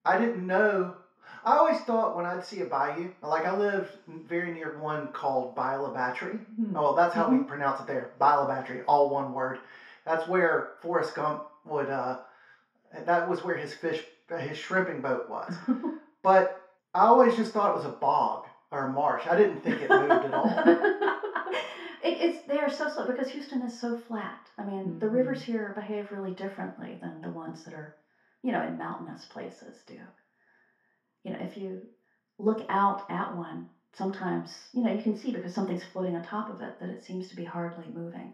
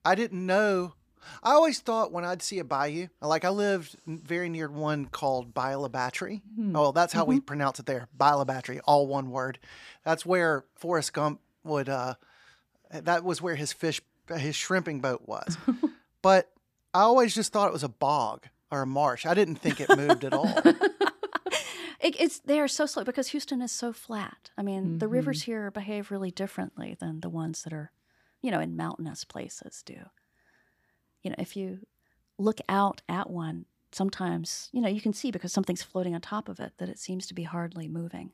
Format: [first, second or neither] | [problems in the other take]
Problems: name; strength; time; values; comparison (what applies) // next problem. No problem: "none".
second | room echo; slight; dies away in 0.5 s // off-mic speech; far